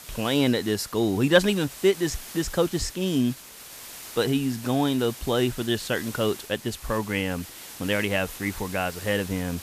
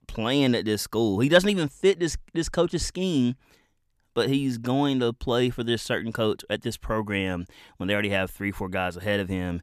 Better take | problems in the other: second | hiss; noticeable; throughout; 15 dB below the speech

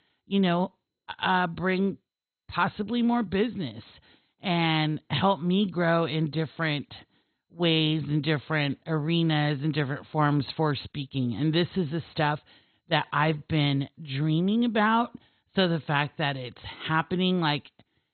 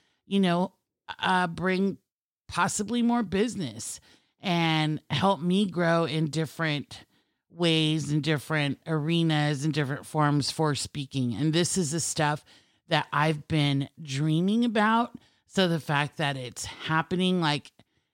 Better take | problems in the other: second | garbled, watery; badly; nothing above 4 kHz

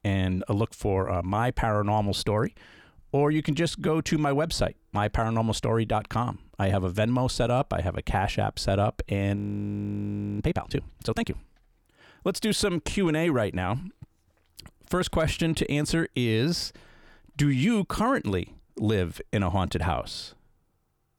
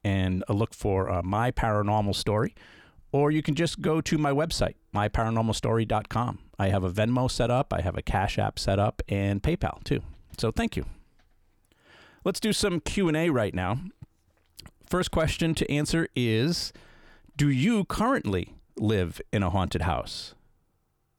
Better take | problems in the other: second | audio freezing; at 9.5 s for 1 s

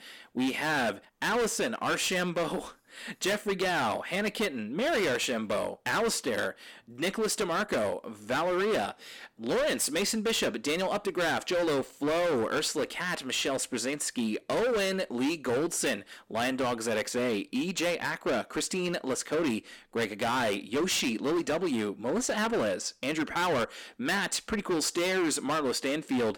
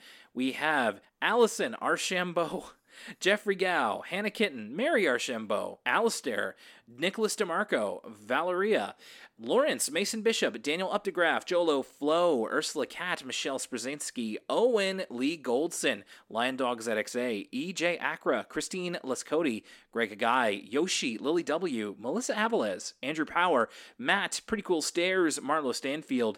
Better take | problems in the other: second | distortion; heavy; 19% of the sound clipped

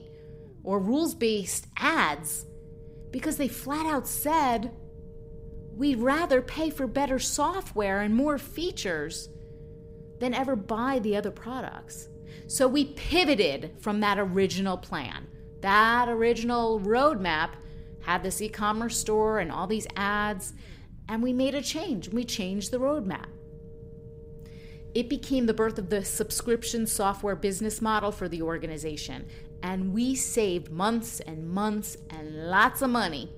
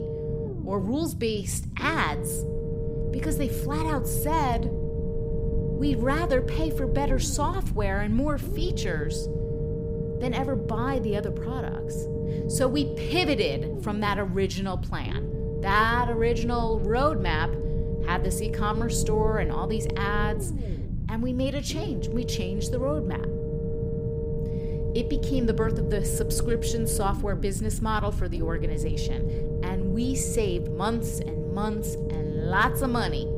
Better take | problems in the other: first | low rumble; loud; throughout; 6 dB below the speech; faint in the first

